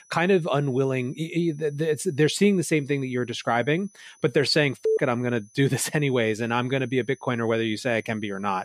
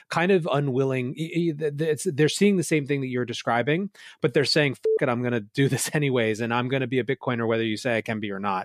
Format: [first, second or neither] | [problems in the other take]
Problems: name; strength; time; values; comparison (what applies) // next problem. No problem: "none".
second | high-pitched whine; faint; throughout; 6 kHz, 30 dB below the speech